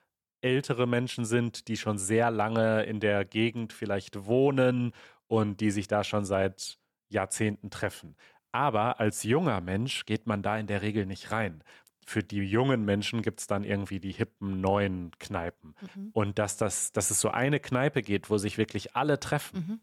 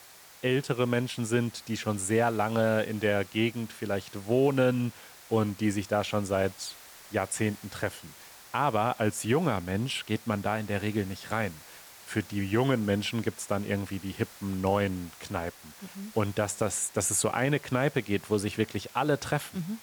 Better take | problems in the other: first | hiss; noticeable; throughout; 20 dB below the speech

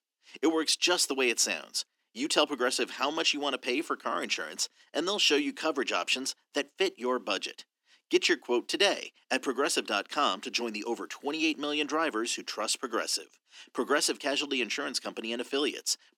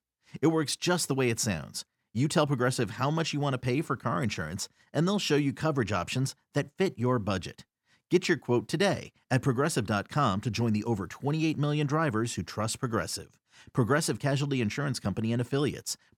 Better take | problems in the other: second | thin; somewhat; fading below 250 Hz

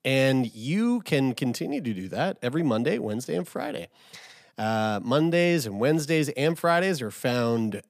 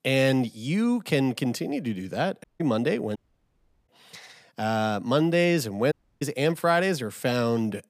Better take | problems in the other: first | audio cutting out; at 2.5 s, at 3 s for 0.5 s and at 6 s

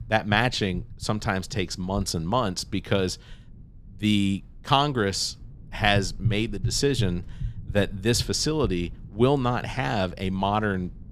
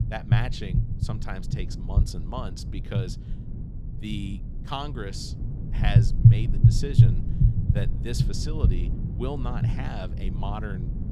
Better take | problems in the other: first | low rumble; loud; throughout; as loud as the speech; faint in the first

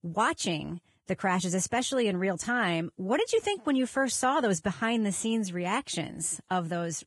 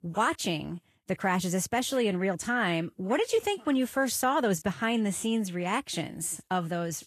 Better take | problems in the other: second | garbled, watery; badly; nothing above 10.5 kHz; slightly in the second

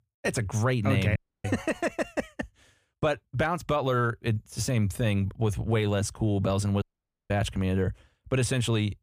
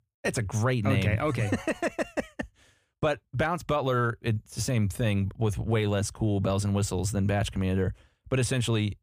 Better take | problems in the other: second | audio cutting out; at 1 s and at 7 s

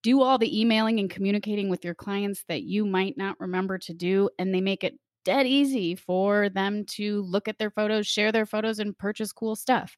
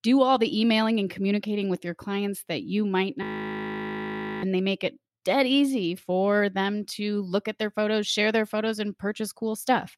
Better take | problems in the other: first | audio freezing; at 3 s for 1 s

